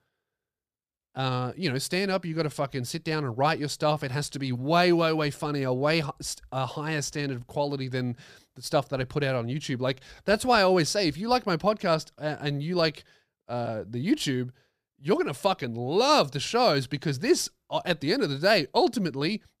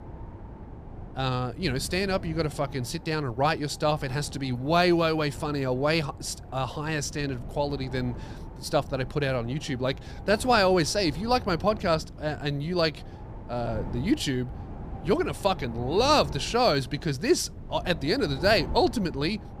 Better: first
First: none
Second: wind noise on the microphone; occasional gusts; 20 dB below the speech

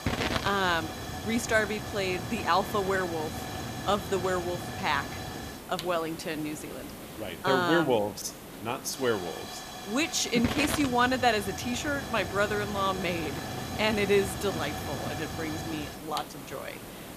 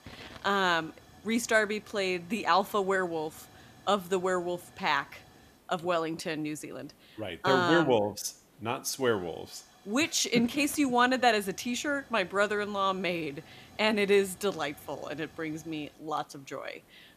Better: second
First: hiss; loud; throughout; 7 dB below the speech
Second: hiss; faint; throughout; 25 dB below the speech

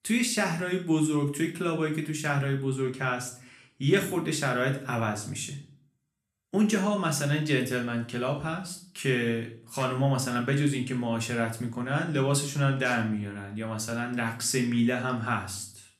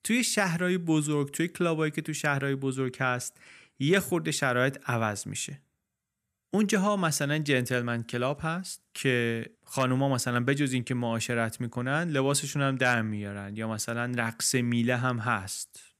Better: second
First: room echo; slight; dies away in 0.4 s // off-mic speech; somewhat distant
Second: none

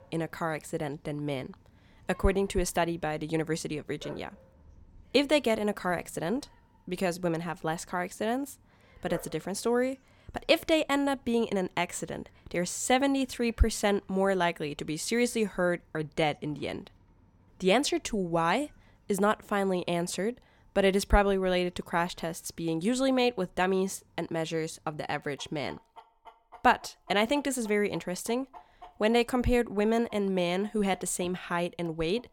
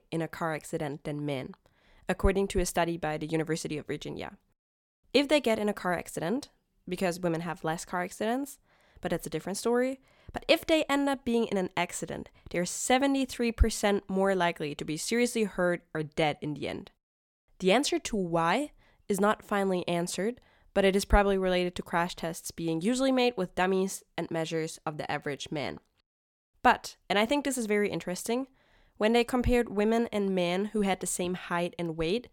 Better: second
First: animal sounds; faint; throughout; 25 dB below the speech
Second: none

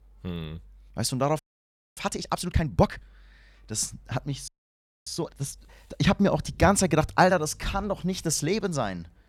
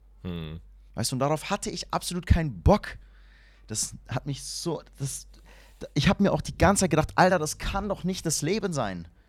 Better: second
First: audio freezing; at 1.5 s for 0.5 s and at 4.5 s for 0.5 s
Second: none

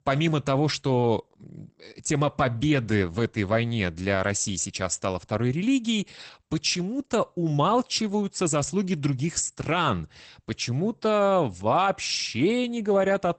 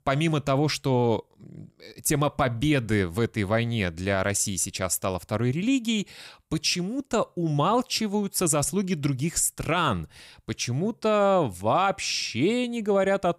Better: second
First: garbled, watery; badly; nothing above 8 kHz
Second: none

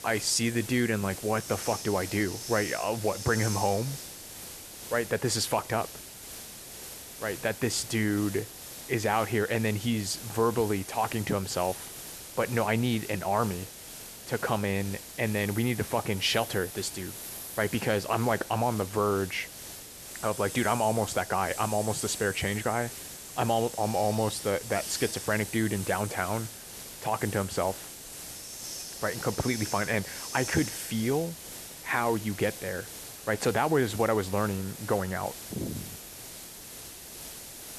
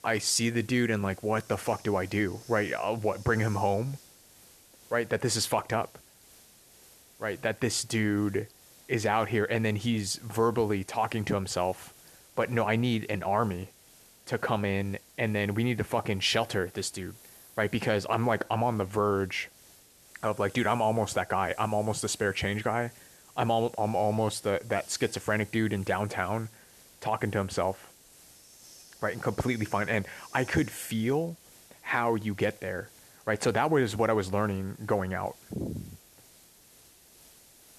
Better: second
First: hiss; loud; throughout; 10 dB below the speech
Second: hiss; faint; throughout; 20 dB below the speech

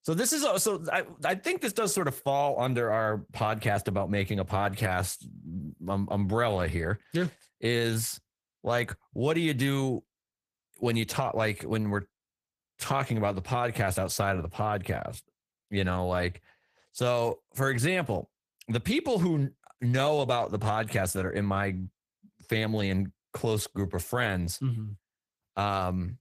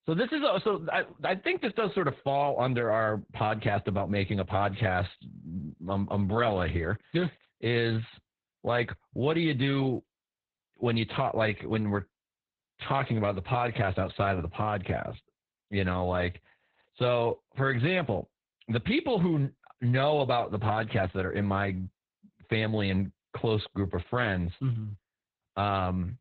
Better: first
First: garbled, watery; slightly; nothing above 14.5 kHz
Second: garbled, watery; badly; nothing above 4 kHz

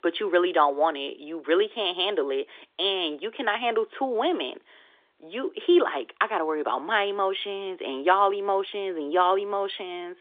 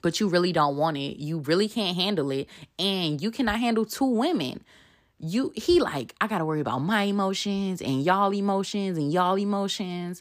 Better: second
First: phone-call audio; nothing above 3.5 kHz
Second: none

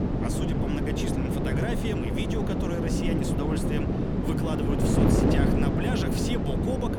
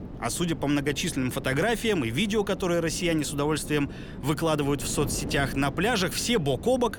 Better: second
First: wind noise on the microphone; heavy; 4 dB above the speech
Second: wind noise on the microphone; occasional gusts; 15 dB below the speech

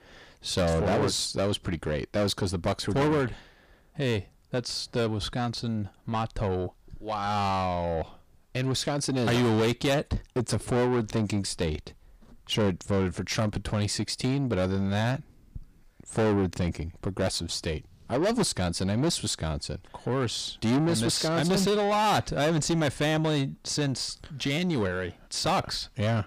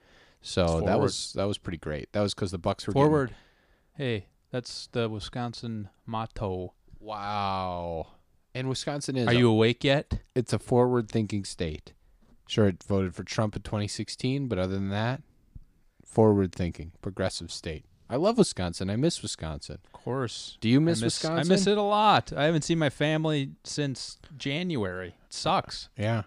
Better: second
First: distortion; heavy; 7 dB below the speech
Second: none

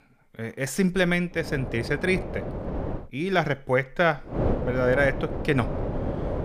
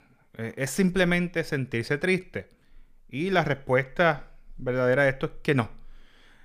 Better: second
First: wind noise on the microphone; heavy; from 1.5 to 3 s and from 4.5 s on; 9 dB below the speech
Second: none

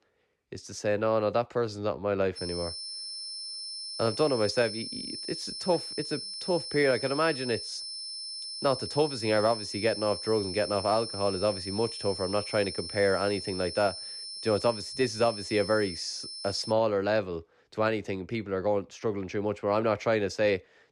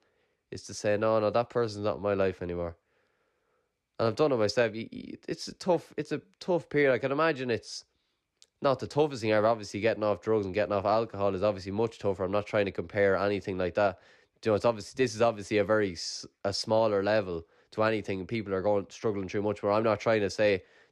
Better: second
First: high-pitched whine; loud; from 2.5 to 17 s; 5.5 kHz, 7 dB below the speech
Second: none

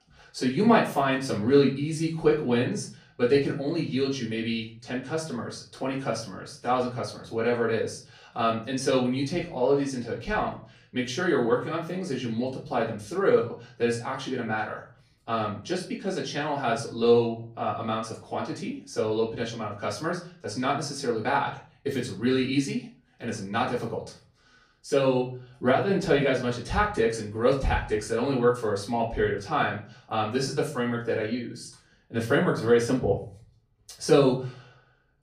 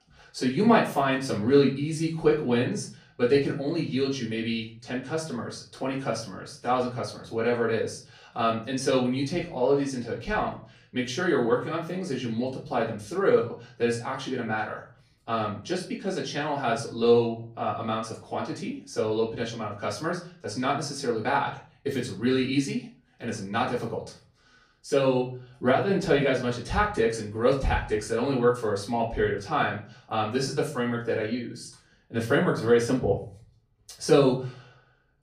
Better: neither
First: off-mic speech; far // room echo; slight; dies away in 0.4 s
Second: off-mic speech; far // room echo; slight; dies away in 0.4 s

